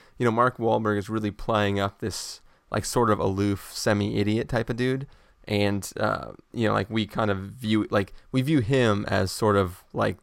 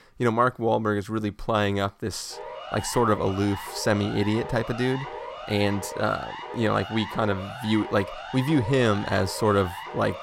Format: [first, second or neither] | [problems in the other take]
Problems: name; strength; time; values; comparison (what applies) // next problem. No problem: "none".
first | siren; faint; from 2.5 s on; peak 10 dB below the speech